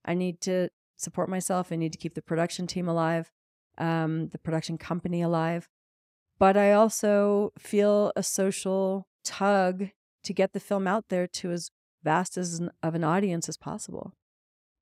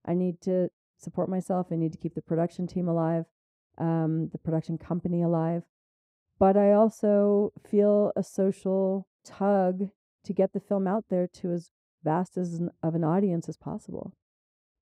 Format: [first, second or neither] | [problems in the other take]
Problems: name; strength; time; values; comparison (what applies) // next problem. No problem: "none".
first | muffled; very; fading above 1 kHz